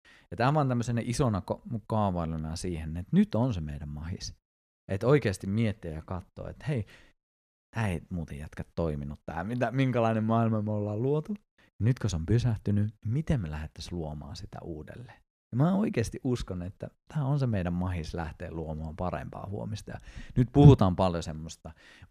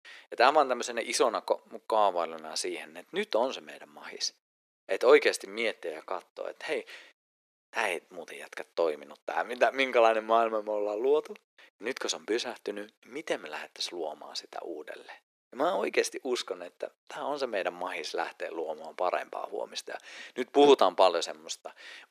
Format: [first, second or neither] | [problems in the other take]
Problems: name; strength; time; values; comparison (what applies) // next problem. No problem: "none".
first | thin; very; fading below 350 Hz